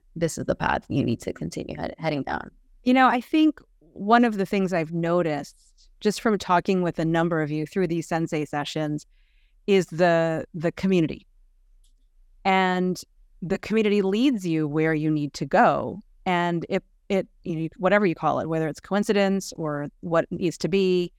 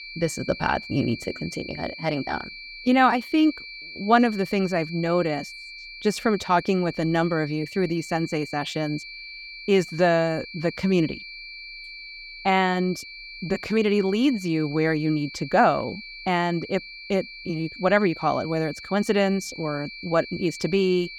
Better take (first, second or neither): first